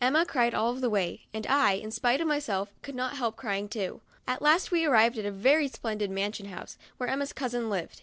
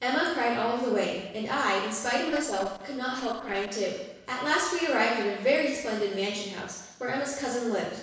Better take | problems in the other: first | noise reduction (neural separator model SepFormer DNS4)

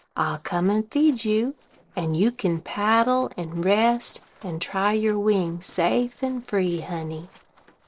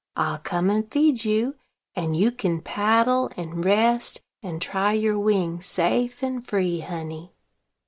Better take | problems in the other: second | noise reduction (neural separator model SepFormer DNS4)

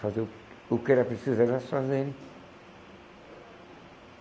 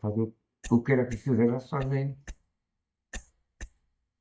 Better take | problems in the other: first | noise reduction (neural mask model DeepFilterNet 3)

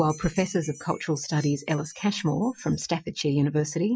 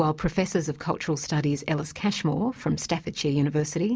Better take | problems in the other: second | noise reduction (classical method Wiener filter)

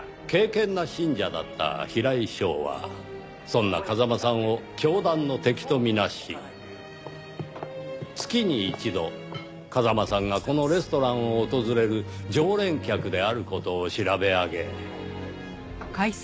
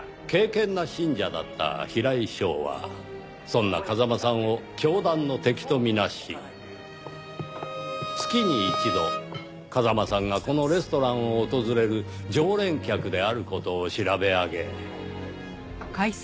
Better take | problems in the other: first | background sound (Bowed string instrument); 7 dB below the speech

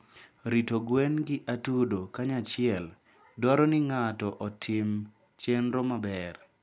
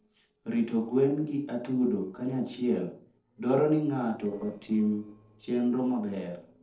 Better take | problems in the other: first | noise reduction (neural separator model SepFormer DNS4)

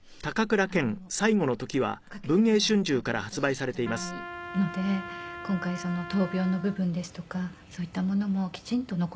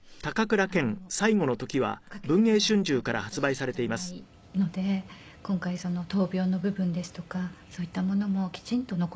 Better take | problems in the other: second | background sound (Trumpet); 12 dB below the speech

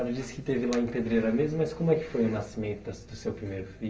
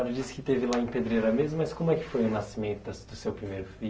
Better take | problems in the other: second | room echo; dies away in 2.9 s

